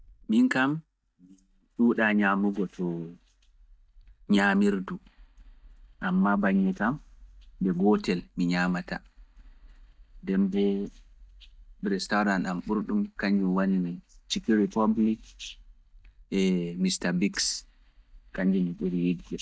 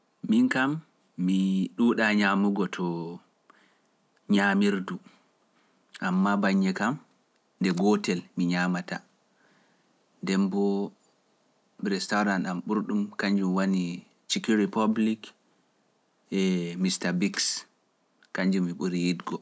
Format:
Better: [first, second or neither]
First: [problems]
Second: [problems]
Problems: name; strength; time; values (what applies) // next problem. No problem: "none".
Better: second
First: noise reduction (neural mask model DeepFilterNet 3)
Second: none